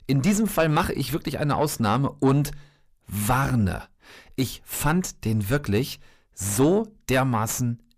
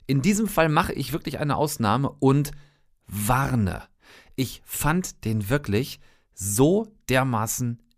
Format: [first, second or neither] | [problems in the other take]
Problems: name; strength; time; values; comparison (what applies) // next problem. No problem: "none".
second | distortion; slight; 10 dB below the speech